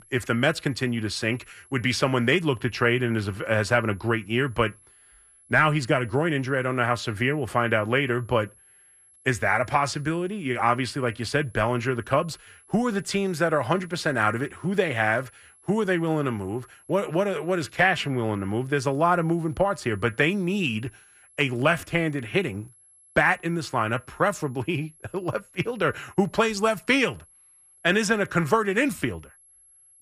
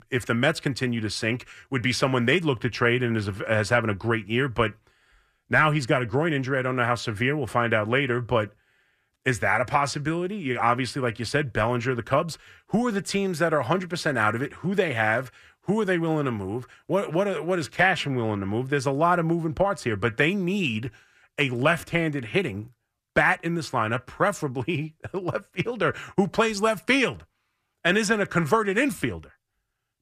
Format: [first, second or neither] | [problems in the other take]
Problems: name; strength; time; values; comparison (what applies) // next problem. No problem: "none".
second | high-pitched whine; faint; throughout; 11 kHz, 30 dB below the speech